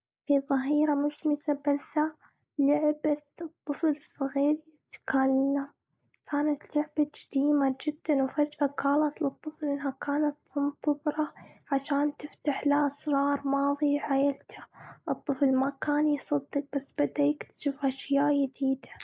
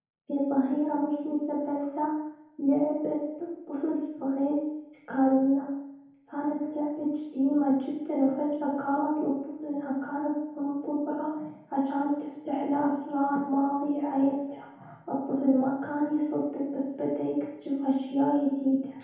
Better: first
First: none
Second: room echo; dies away in 0.9 s

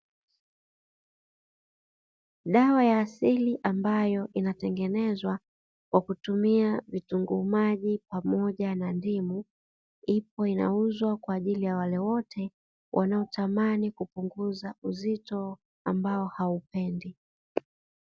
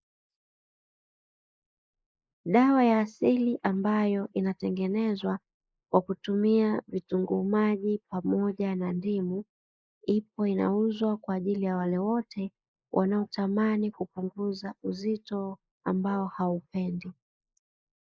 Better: first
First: none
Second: noise reduction (neural mask model Resemble Enhance denoiser)

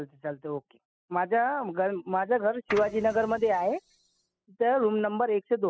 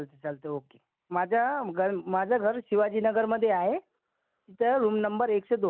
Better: second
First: noise reduction (classical method spectral subtraction)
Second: none

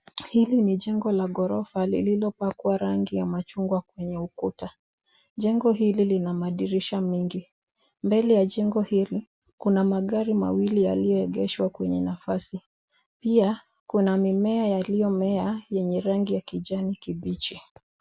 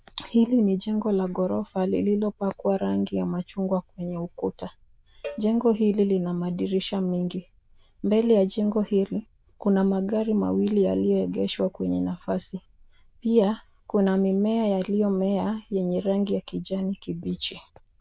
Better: first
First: none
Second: noise reduction (neural diffusion model UNIVERSE++)

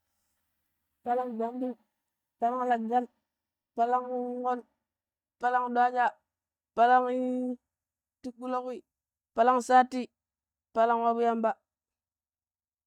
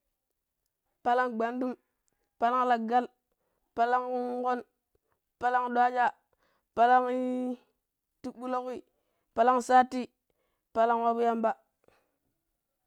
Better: second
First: noise reduction (neural mask model DeepFilterNet 3)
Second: none

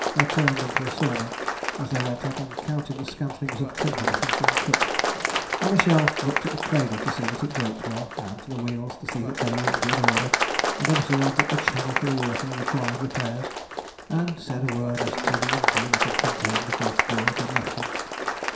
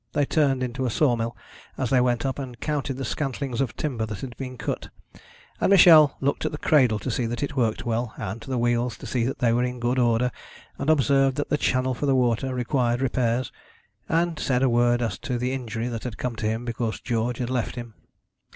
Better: second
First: background sound (Applause); 1 dB above the speech // room echo; dies away in 0.7 s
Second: none

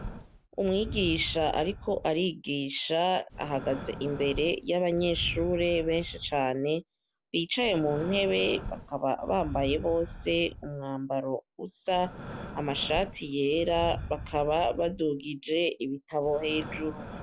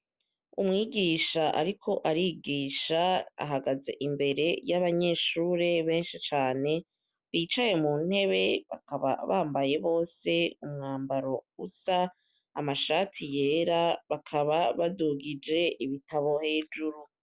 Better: second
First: background sound (Breathing); 12 dB below the speech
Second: none

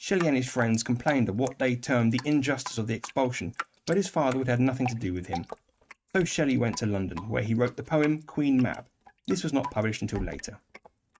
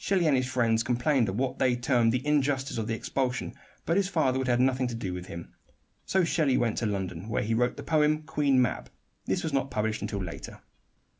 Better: second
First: noise reduction (neural mask model RNNoise)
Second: none

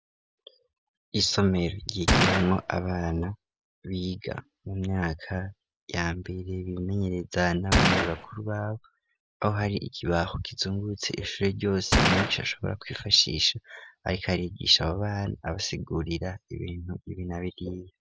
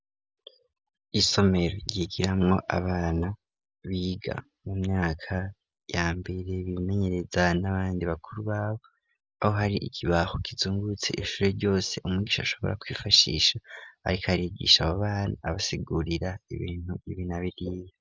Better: second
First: background sound (Gunshot, gunfire); 3 dB above the speech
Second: none

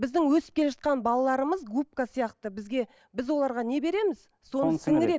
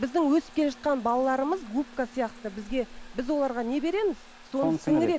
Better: first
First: none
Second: background sound (Trickle, dribble / Bathtub (filling or washing) / Water tap, faucet); 18 dB below the speech

